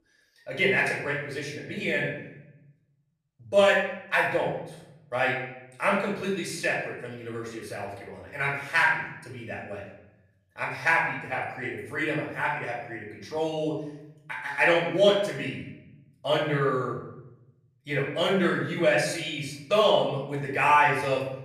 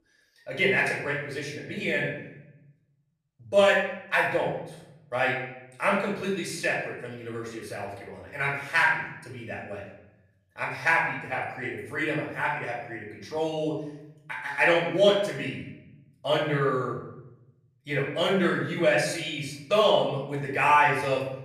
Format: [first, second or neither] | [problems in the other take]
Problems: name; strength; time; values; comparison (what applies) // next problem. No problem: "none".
neither | off-mic speech; far; the same in both // room echo; noticeable; dies away in 0.8 s; the same in both